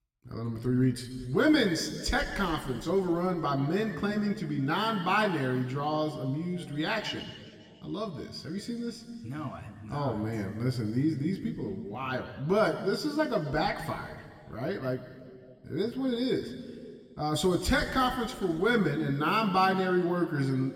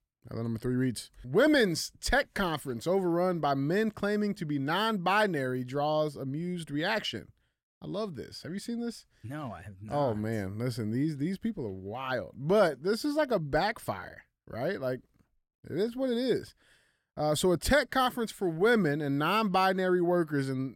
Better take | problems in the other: second | room echo; slight; dies away in 1.9 s

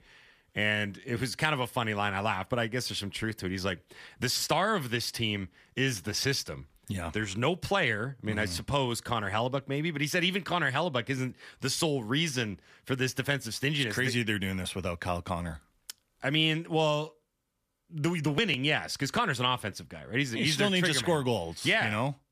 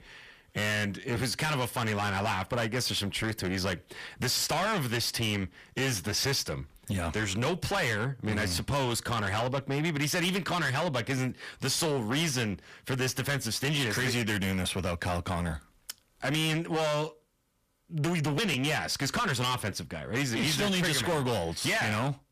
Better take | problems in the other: first | distortion; heavy; 6 dB below the speech

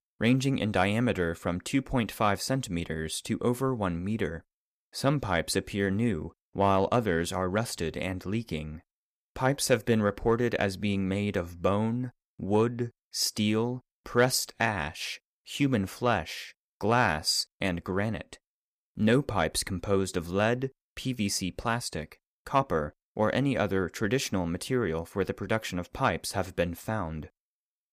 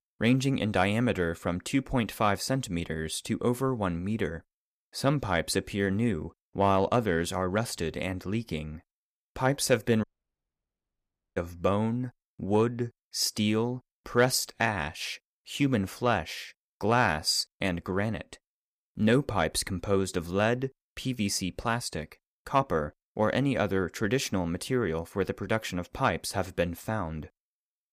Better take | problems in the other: first | audio cutting out; at 10 s for 1.5 s

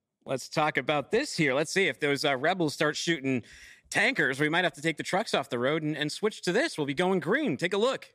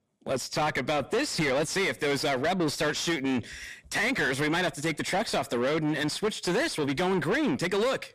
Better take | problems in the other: first | distortion; heavy; 6 dB below the speech

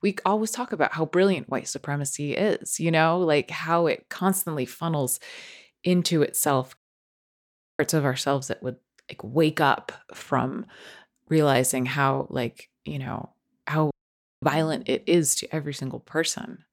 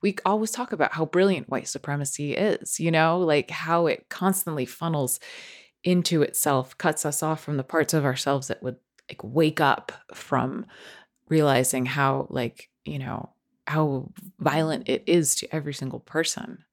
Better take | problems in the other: second | audio cutting out; at 7 s for 1 s and at 14 s for 0.5 s

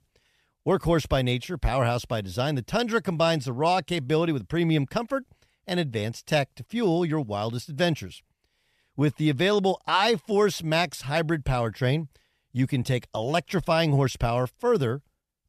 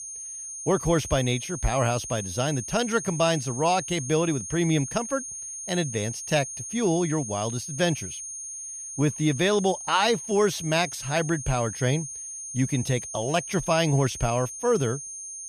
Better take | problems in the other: first | high-pitched whine; loud; throughout; 6.5 kHz, 8 dB below the speech

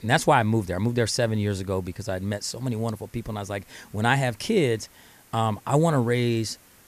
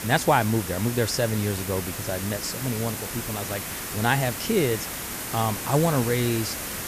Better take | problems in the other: first | hiss; loud; throughout; 5 dB below the speech; faint in the first

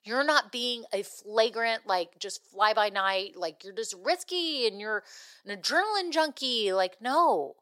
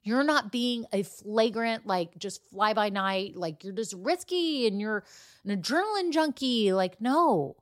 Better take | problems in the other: second | thin; somewhat; fading below 550 Hz

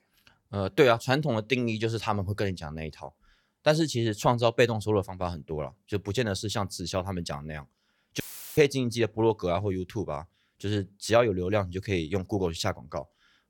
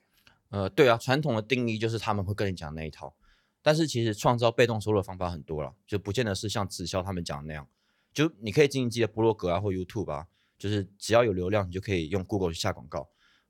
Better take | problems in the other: second | audio cutting out; filled with static; at 8 s

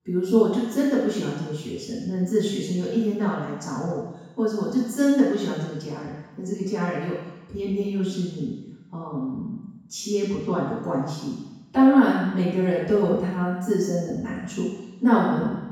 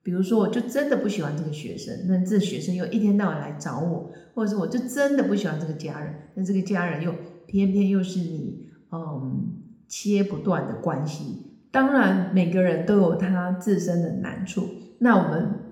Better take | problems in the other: second | room echo; strong; dies away in 1.1 s; slight in the second // off-mic speech; far; somewhat distant in the second

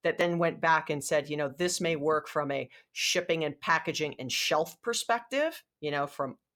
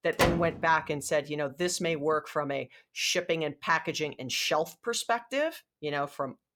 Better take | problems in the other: first | door banging; loud; at the start; peak level with the speech

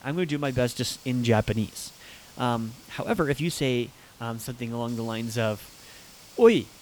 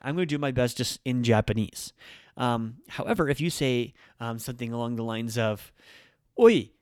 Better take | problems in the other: second | hiss; faint; throughout; 20 dB below the speech

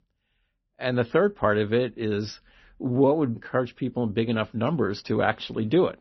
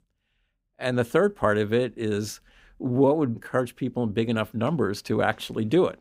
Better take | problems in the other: second | garbled, watery; slightly; nothing above 6 kHz

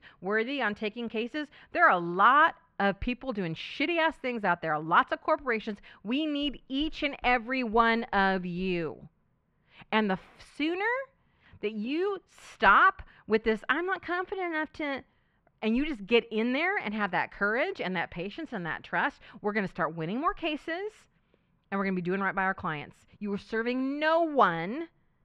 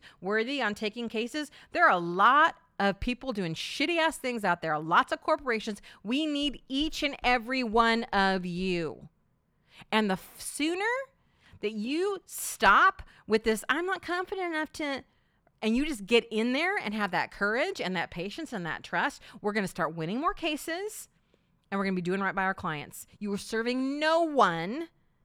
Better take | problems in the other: second | muffled; slightly; fading above 2.5 kHz

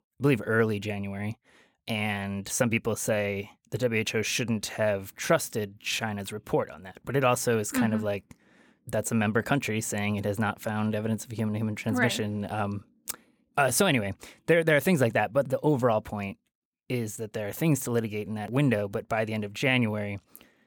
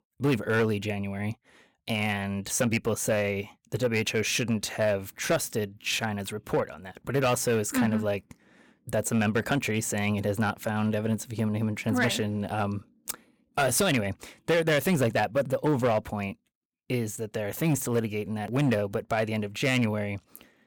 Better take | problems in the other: first | distortion; slight; 4% of the sound clipped

